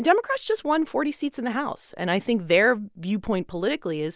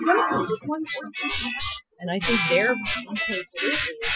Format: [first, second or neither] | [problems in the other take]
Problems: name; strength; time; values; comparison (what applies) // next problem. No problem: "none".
first | noise reduction (classical method Wiener filter)